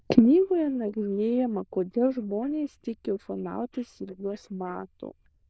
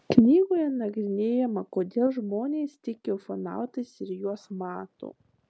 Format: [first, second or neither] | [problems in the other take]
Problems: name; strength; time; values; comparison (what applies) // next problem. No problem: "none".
second | noise reduction (neural diffusion model UNIVERSE++)